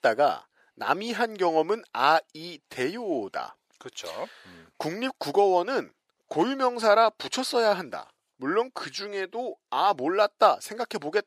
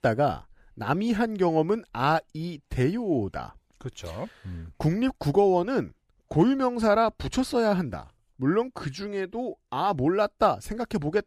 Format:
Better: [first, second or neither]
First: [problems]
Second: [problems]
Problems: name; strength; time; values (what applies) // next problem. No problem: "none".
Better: second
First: thin; somewhat; fading below 500 Hz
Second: none